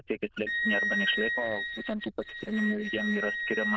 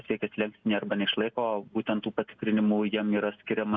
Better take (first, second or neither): second